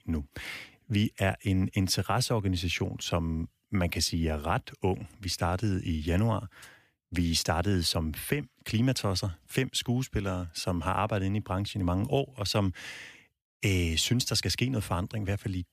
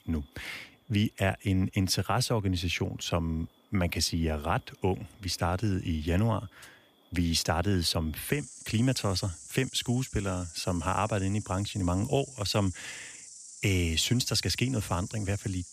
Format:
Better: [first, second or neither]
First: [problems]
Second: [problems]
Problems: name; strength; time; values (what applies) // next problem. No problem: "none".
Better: first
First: none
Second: animal sounds; noticeable; throughout; 15 dB below the speech